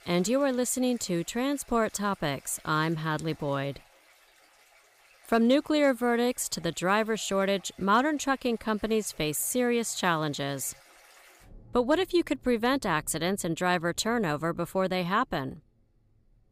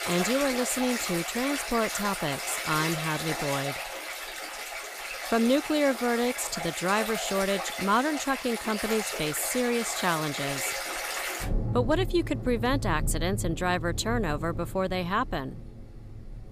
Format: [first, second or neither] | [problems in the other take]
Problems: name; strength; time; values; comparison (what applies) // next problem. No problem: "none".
first | rain or running water; loud; throughout; 4 dB below the speech; faint in the first